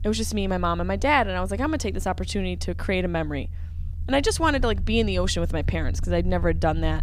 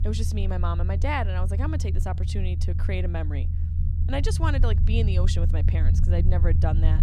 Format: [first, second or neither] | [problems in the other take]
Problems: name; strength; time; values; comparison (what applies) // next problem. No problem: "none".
first | low rumble; loud; throughout; 8 dB below the speech; faint in the first